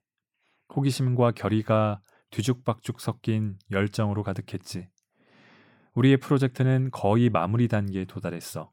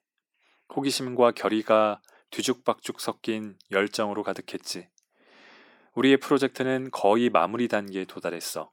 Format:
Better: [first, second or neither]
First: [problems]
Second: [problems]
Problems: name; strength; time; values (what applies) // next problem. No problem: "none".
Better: first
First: none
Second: thin; somewhat; fading below 300 Hz